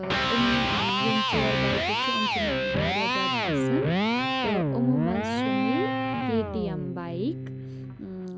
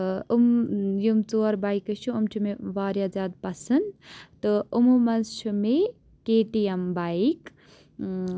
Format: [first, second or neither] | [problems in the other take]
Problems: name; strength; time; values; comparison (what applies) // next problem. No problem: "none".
second | background sound (Electric guitar); 4 dB above the speech